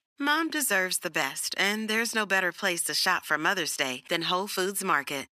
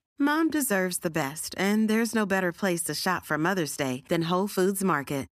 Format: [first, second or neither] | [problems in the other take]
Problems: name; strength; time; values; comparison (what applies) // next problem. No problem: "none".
second | thin; somewhat; fading below 600 Hz